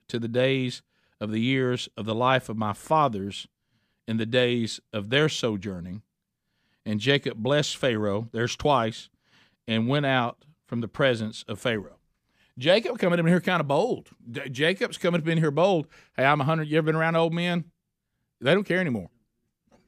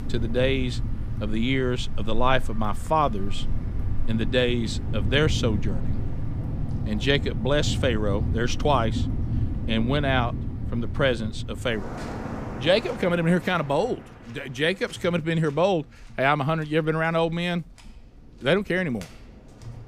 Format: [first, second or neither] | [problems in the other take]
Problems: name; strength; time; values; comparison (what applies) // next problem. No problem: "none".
first | rain or running water; loud; throughout; 6 dB below the speech